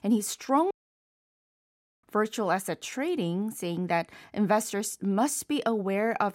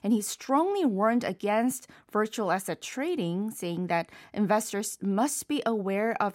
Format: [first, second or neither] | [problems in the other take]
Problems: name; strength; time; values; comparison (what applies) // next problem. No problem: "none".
second | audio cutting out; at 0.5 s for 1.5 s